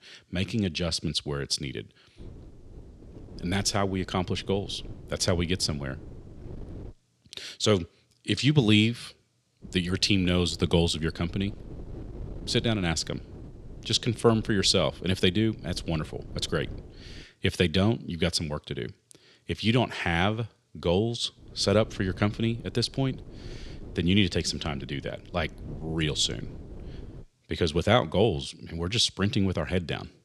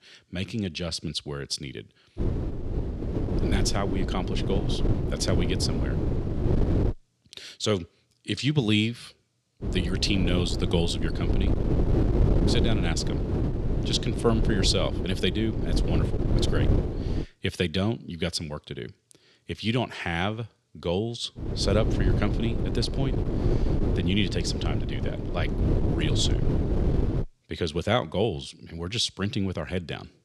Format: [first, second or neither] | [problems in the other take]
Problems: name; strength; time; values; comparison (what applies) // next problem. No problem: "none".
first | wind noise on the microphone; heavy; from 2 to 7 s, from 9.5 to 17 s and from 21 to 27 s; 4 dB below the speech; occasional gusts in the first